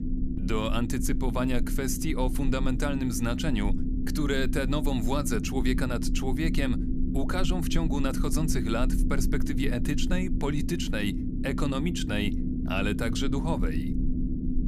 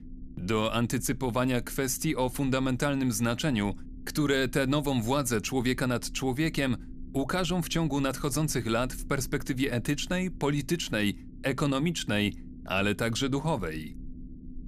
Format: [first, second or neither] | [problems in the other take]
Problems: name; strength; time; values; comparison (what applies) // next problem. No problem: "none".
second | low rumble; loud; throughout; 6 dB below the speech; faint in the second